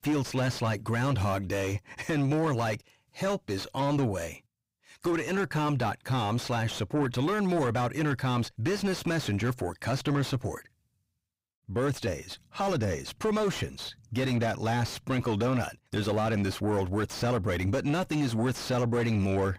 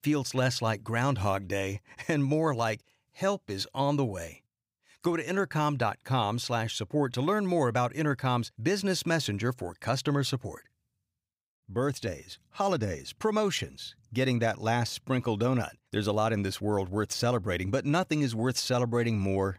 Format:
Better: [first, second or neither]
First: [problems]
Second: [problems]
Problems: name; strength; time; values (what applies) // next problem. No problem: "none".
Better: second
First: distortion; heavy; 7 dB below the speech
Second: none